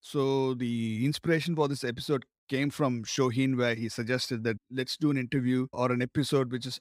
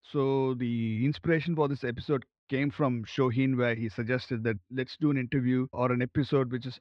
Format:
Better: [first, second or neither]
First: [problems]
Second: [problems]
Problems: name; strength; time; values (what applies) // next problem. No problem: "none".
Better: first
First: none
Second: muffled; slightly; fading above 3 kHz